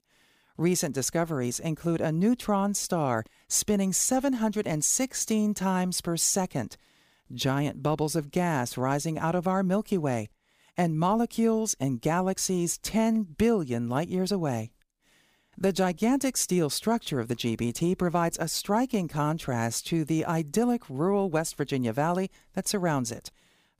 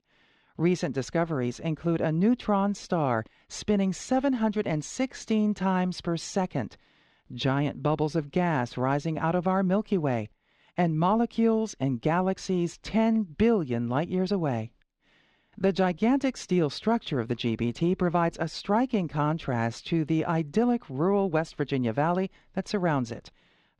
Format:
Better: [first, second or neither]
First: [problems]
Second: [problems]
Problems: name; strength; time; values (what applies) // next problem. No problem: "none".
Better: first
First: none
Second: muffled; slightly; fading above 4 kHz